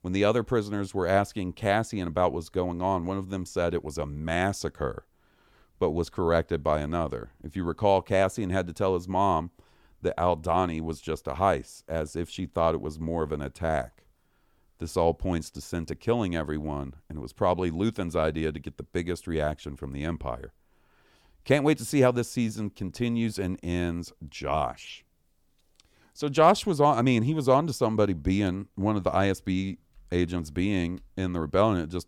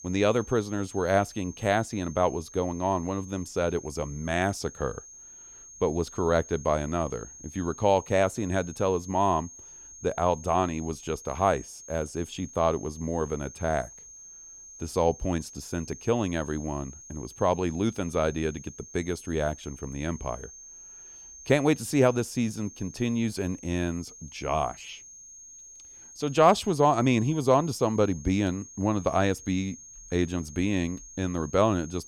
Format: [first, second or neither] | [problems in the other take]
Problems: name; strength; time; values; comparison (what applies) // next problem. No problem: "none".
first | high-pitched whine; noticeable; throughout; 6.5 kHz, 15 dB below the speech